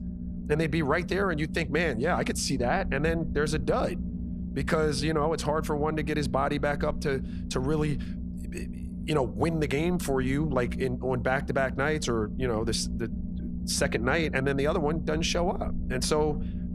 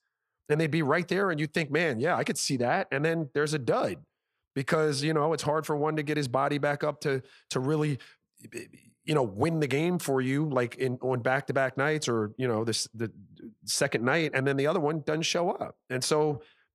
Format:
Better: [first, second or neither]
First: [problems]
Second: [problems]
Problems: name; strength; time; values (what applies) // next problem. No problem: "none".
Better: second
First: low rumble; noticeable; throughout; 15 dB below the speech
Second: none